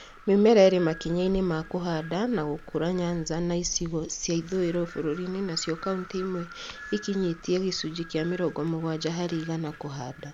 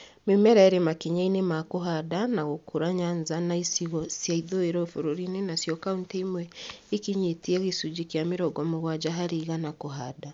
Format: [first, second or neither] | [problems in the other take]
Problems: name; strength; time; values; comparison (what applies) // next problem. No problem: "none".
second | background sound (Wind + Rain); 17 dB below the speech